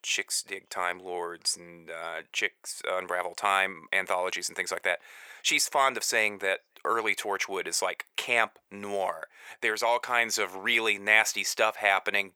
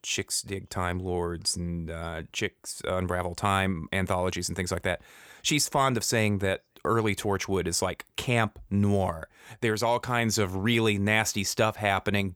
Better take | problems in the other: second | thin; very; fading below 600 Hz

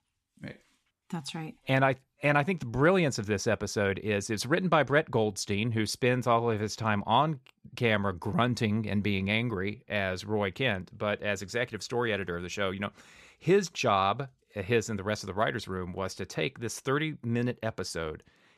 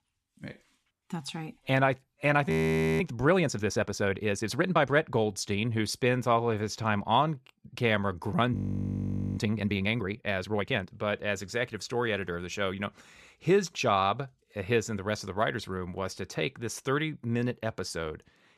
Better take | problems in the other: first | audio freezing; at 2.5 s for 0.5 s and at 8.5 s for 1 s

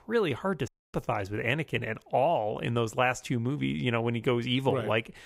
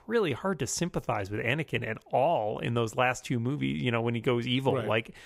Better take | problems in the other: second | audio cutting out; at 0.5 s

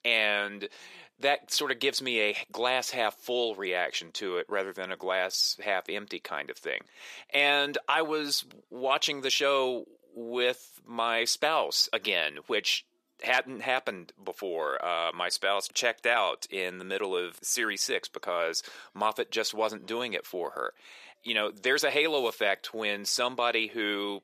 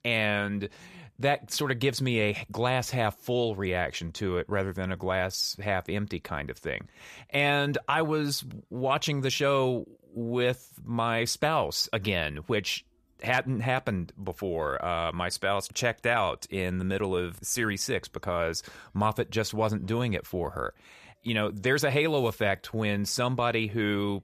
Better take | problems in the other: second | thin; somewhat; fading below 350 Hz

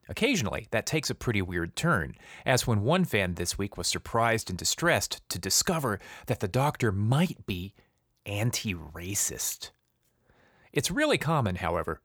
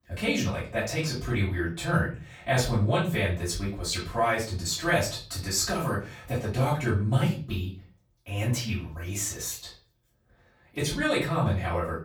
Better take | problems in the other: first | room echo; slight; dies away in 0.3 s // off-mic speech; far

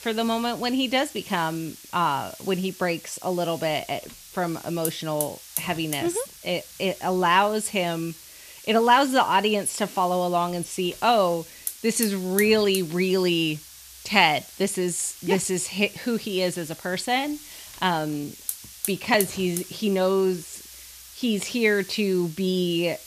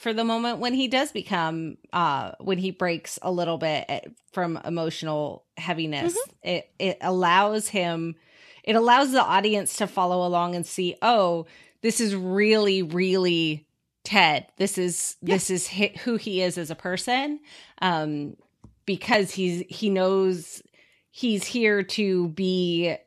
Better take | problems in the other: second | hiss; noticeable; throughout; 15 dB below the speech

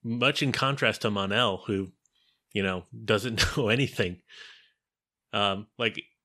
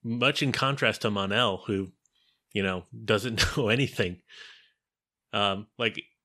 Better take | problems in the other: neither | none

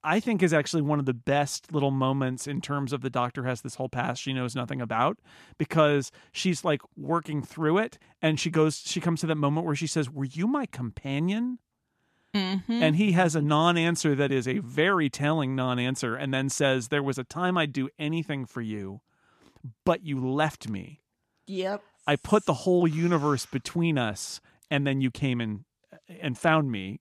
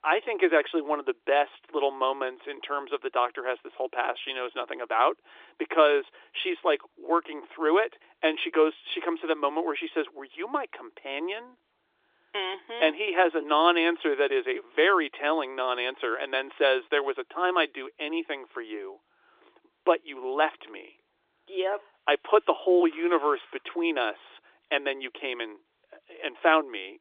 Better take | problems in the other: first | phone-call audio; nothing above 3.5 kHz

